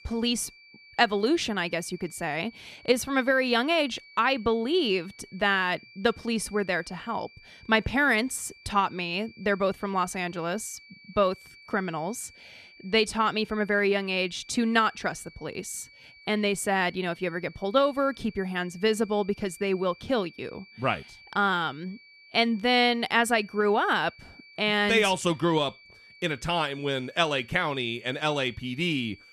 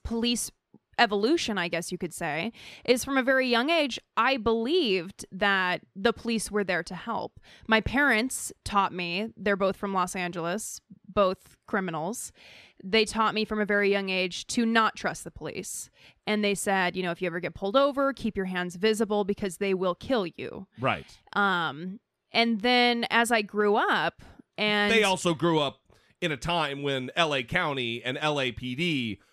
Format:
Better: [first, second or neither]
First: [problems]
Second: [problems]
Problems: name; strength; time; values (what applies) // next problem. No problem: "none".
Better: second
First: high-pitched whine; faint; throughout; 2.5 kHz, 25 dB below the speech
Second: none